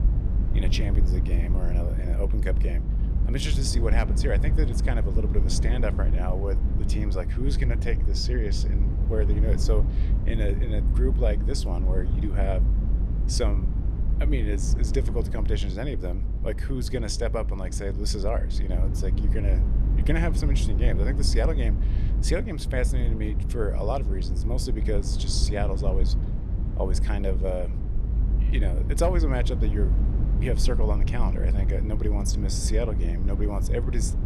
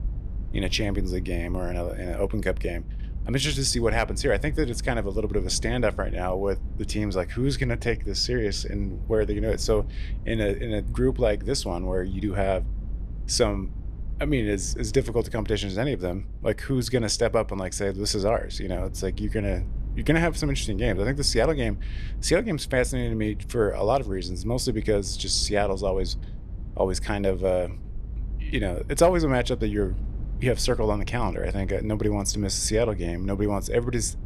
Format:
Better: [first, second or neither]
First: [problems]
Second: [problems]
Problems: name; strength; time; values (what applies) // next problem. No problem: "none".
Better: second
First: low rumble; loud; throughout; 8 dB below the speech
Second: low rumble; faint; throughout; 25 dB below the speech